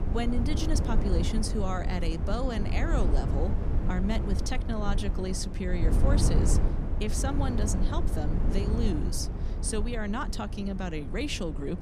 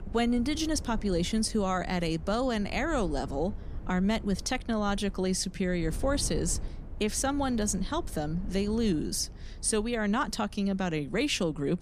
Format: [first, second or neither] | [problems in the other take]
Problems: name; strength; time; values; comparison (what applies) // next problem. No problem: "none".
second | low rumble; loud; throughout; 5 dB below the speech; faint in the second